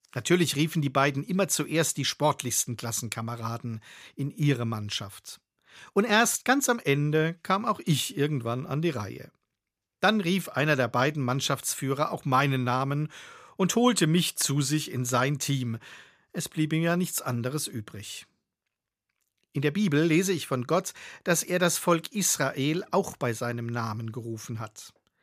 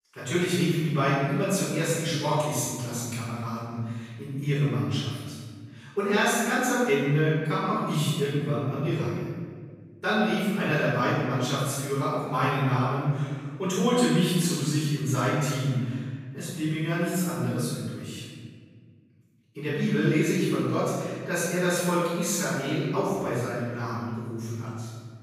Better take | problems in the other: first | off-mic speech; far // room echo; strong; dies away in 1.6 s

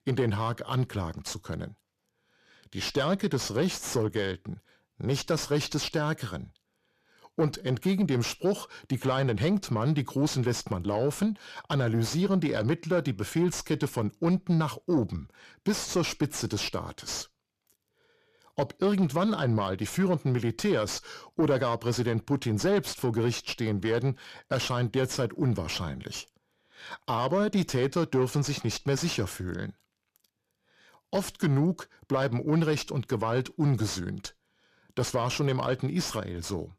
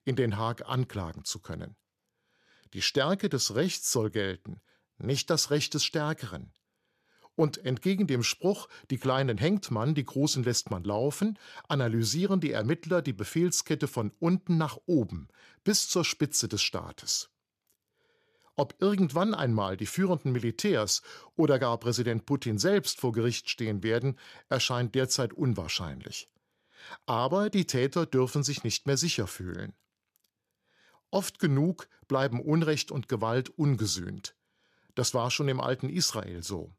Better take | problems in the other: second | distortion; slight; 10 dB below the speech

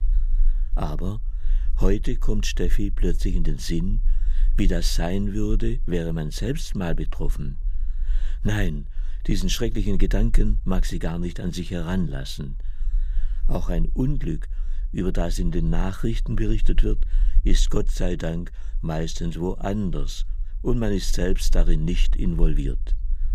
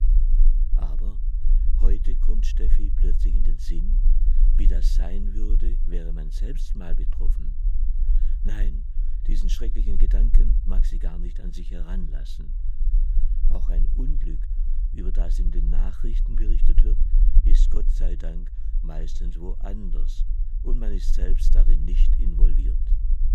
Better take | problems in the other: first | low rumble; loud; throughout; 7 dB below the speech; faint in the first

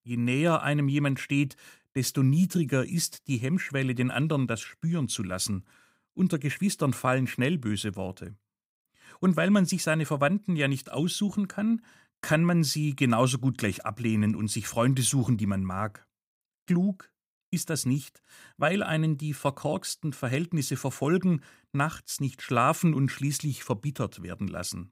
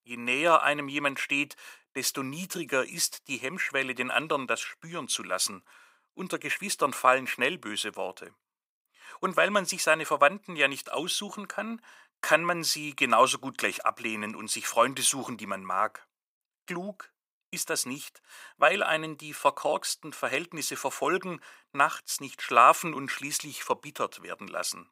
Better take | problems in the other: first | thin; very; fading below 550 Hz

